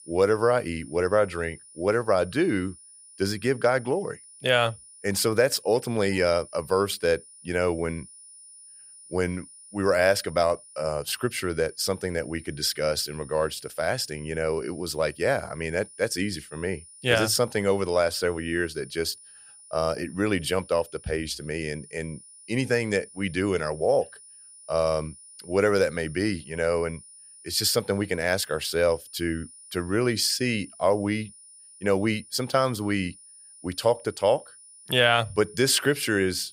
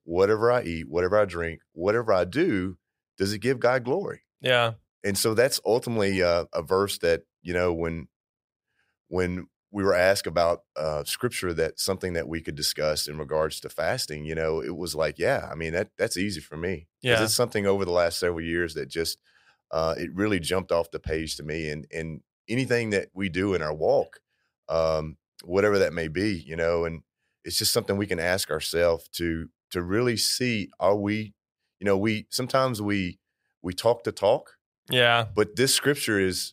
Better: second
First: high-pitched whine; faint; throughout; 9.5 kHz, 20 dB below the speech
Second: none

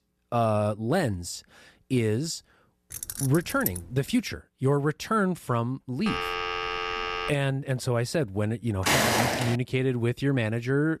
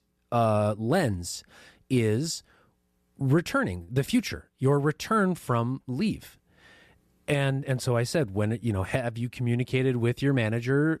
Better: second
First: jangling keys; noticeable; at 3 s; peak 4 dB below the speech // phone ringing; noticeable; from 6 to 7.5 s; peak 1 dB below the speech // footsteps; loud; at 9 s; peak 6 dB above the speech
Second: none

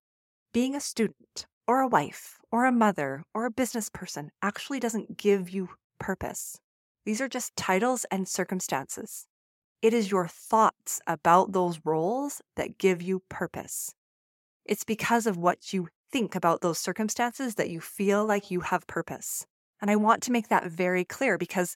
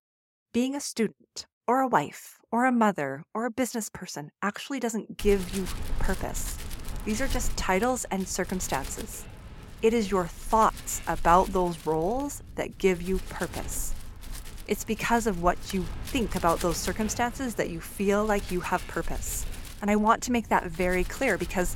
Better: first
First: none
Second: wind noise on the microphone; occasional gusts; from 5 s on; 15 dB below the speech

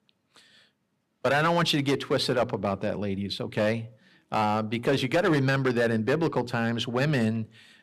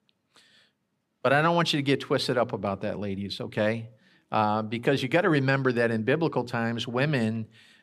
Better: second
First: distortion; slight; 5% of the sound clipped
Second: none

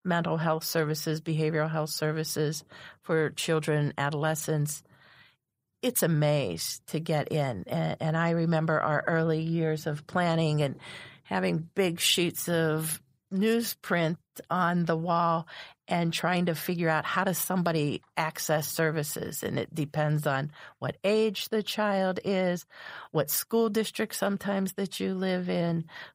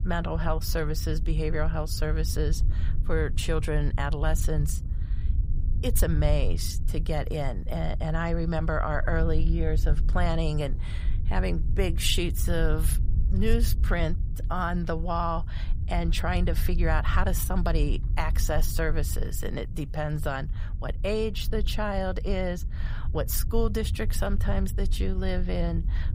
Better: first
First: none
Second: low rumble; noticeable; throughout; 15 dB below the speech

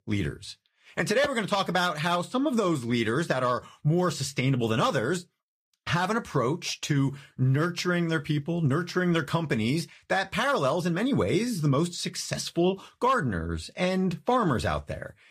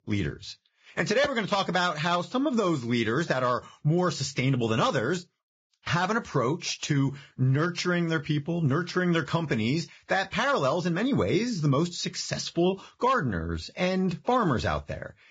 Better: first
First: garbled, watery; slightly; nothing above 15.5 kHz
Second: garbled, watery; badly; nothing above 7.5 kHz

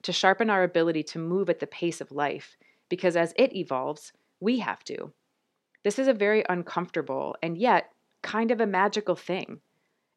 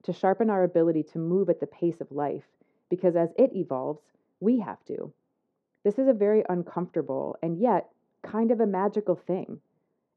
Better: first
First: none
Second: muffled; very; fading above 1.5 kHz

